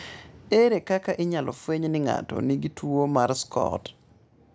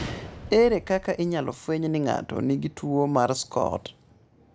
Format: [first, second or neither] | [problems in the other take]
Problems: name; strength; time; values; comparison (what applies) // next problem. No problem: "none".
first | background sound (Gunshot, gunfire); 18 dB below the speech